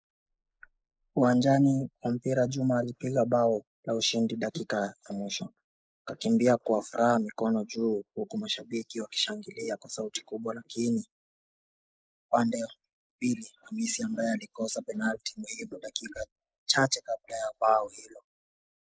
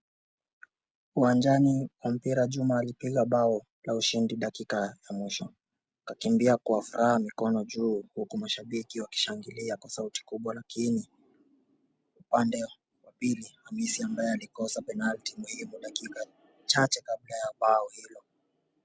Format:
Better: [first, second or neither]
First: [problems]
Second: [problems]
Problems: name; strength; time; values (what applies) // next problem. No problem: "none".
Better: second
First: noise reduction (neural mask model Resemble Enhance denoiser)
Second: none